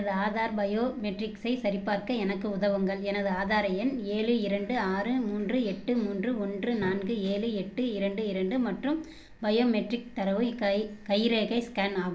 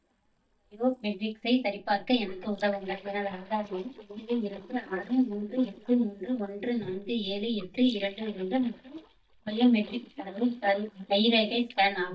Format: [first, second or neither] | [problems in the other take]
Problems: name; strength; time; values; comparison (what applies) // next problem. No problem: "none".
first | noise reduction (neural mask model DeepFilterNet 3)